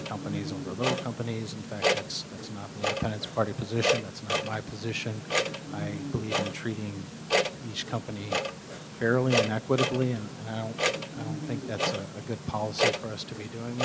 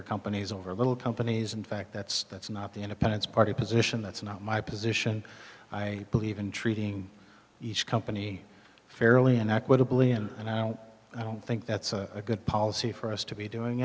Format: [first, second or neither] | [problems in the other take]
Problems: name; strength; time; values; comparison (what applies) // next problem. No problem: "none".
second | background sound (Clock); 1 dB above the speech